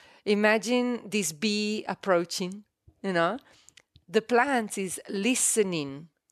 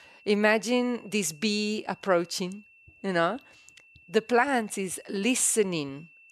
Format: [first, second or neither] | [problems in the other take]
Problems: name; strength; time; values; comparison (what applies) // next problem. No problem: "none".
first | high-pitched whine; faint; throughout; 2.5 kHz, 25 dB below the speech